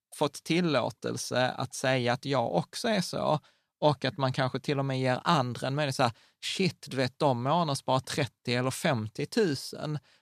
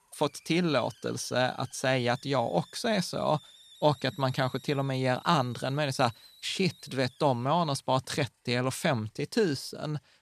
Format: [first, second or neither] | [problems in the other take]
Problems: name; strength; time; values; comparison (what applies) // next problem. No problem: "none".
first | hiss; faint; throughout; 25 dB below the speech